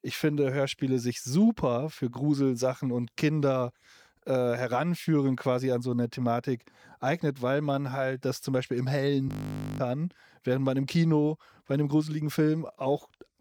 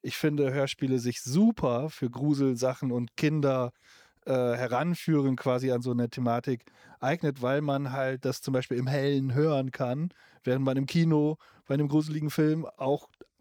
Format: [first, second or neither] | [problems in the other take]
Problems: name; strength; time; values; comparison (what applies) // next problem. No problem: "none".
second | audio freezing; at 9.5 s for 0.5 s